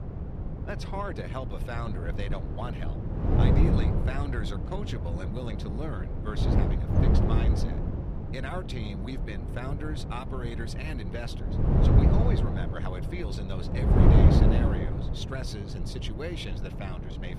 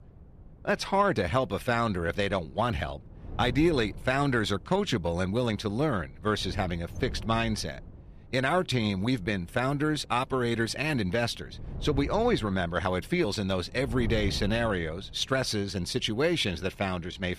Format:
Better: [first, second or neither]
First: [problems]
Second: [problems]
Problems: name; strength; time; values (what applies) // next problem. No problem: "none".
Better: second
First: wind noise on the microphone; heavy; 2 dB above the speech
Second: wind noise on the microphone; occasional gusts; 25 dB below the speech